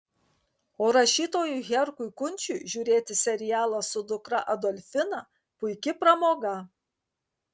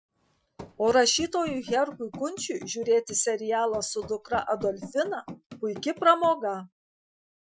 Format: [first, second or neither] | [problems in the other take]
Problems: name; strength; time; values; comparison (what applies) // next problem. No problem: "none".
first | noise reduction (classical method Wiener filter)